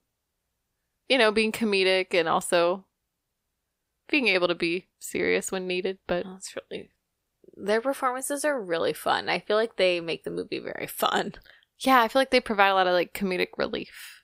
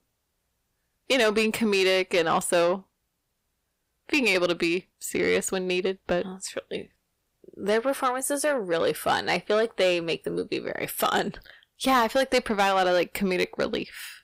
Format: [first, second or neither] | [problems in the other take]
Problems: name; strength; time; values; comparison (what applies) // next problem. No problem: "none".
first | distortion; slight; 10 dB below the speech